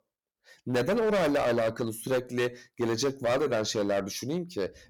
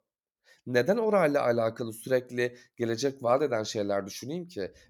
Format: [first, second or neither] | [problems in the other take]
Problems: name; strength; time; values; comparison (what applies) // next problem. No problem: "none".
second | distortion; heavy; 14% of the sound clipped